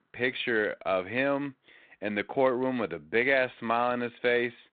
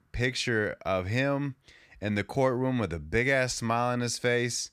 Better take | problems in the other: second | phone-call audio; nothing above 4 kHz

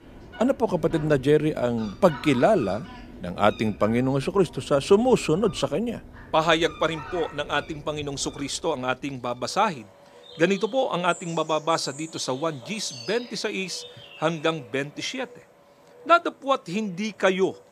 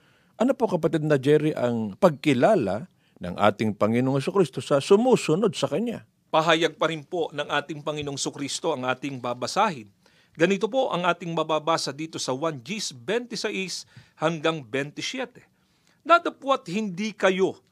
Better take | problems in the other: second | animal sounds; noticeable; throughout; 20 dB below the speech

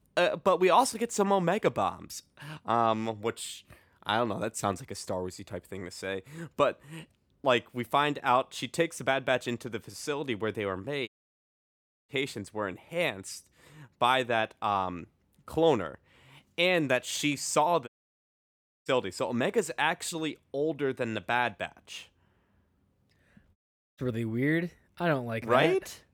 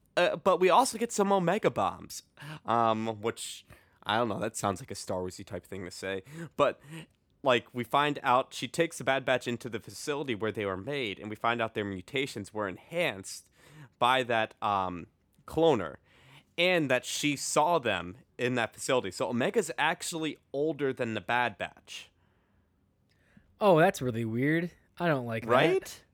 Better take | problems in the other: second | audio cutting out; at 11 s for 1 s, at 18 s for 1 s and at 24 s

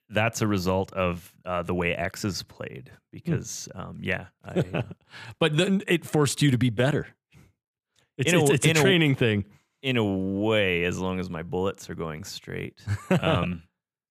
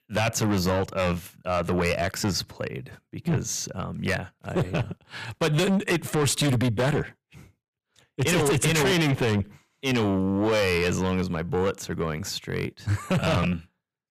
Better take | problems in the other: first | distortion; heavy; 6 dB below the speech

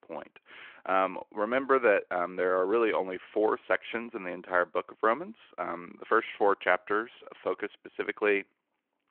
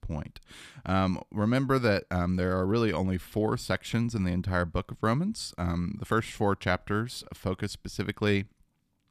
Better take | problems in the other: second | phone-call audio

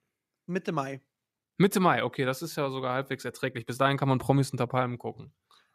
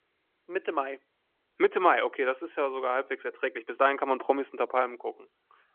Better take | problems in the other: first | phone-call audio

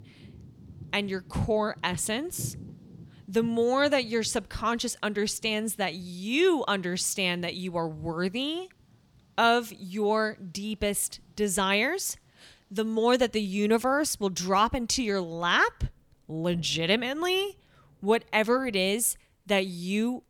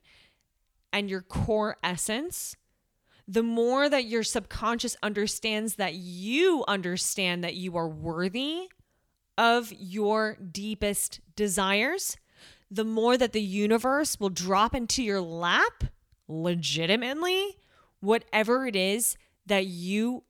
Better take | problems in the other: second | rain or running water; faint; throughout; 20 dB below the speech

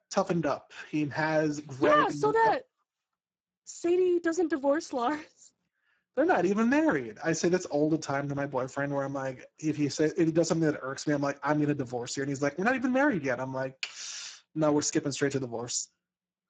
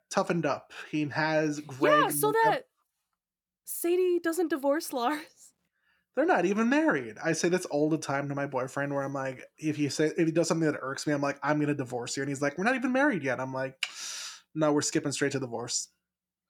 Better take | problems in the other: second | garbled, watery; badly; nothing above 7.5 kHz

